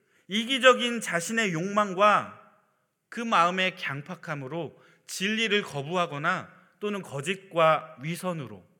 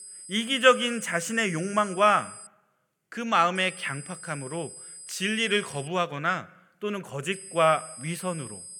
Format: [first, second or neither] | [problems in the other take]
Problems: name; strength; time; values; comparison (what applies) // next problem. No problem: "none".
first | high-pitched whine; noticeable; until 2.5 s, from 3.5 to 6 s and from 7.5 s on; 8 kHz, 15 dB below the speech